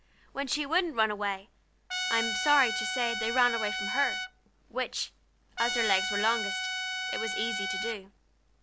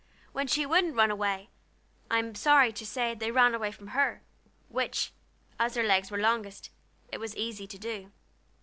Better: second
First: background sound (Trumpet); 1 dB below the speech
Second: none

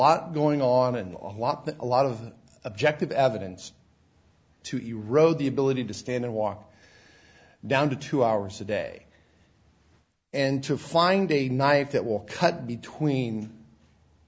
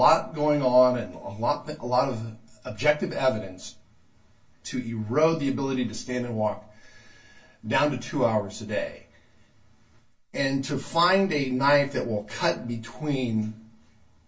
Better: first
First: none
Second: room echo; dies away in 0.2 s

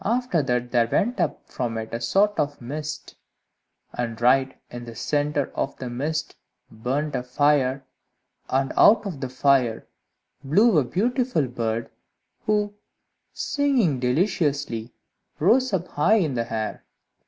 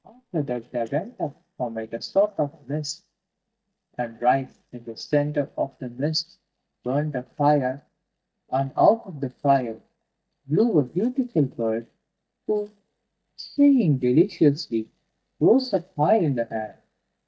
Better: first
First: none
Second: noise reduction (neural mask model DeepFilterNet 3)

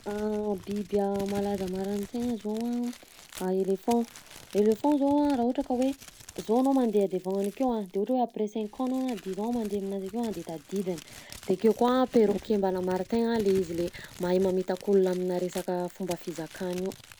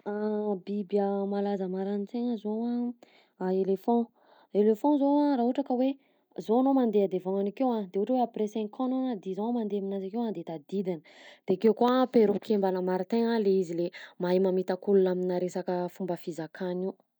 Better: second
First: background sound (Crumpling, crinkling); 20 dB below the speech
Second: none

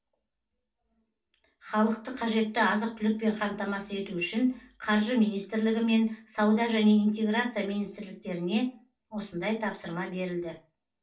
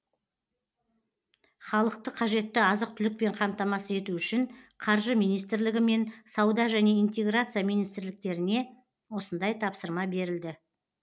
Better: second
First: room echo; dies away in 0.2 s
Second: none

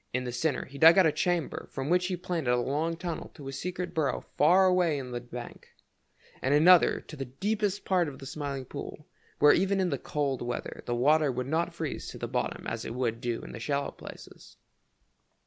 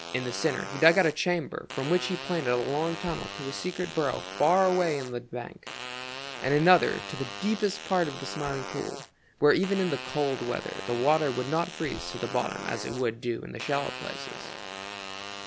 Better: first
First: none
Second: background sound (Fart); 10 dB below the speech

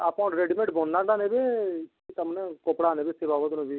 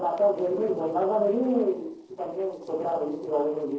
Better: first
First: none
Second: noise reduction (neural separator model SepFormer DNS4)

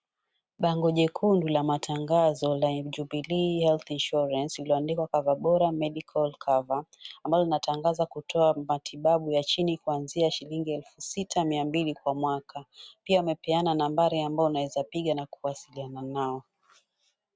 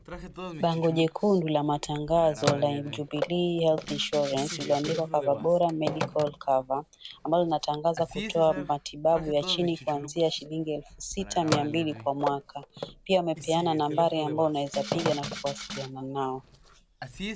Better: first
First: none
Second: background sound (Telephone + Rattle (instrument)); 10 dB below the speech

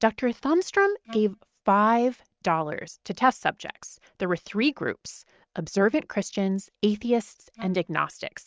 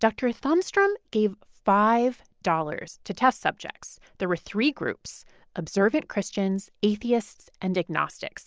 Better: second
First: noise reduction (neural mask model RNNoise)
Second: none

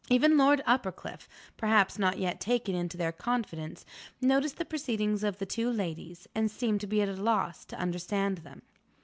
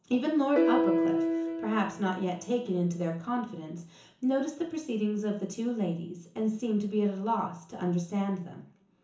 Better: first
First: none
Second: background sound (Piano); as loud as the speech // room echo; dies away in 0.7 s

